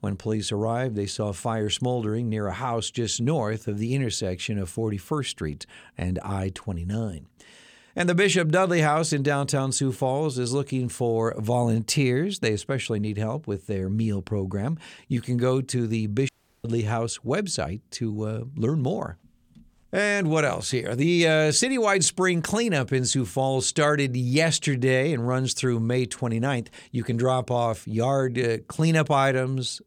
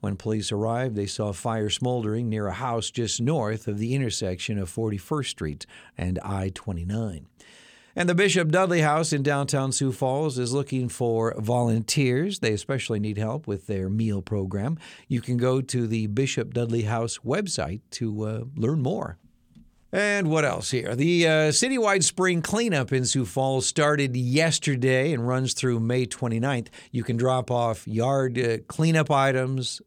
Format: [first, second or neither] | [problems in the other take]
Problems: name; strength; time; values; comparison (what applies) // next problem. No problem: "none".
second | audio cutting out; at 16 s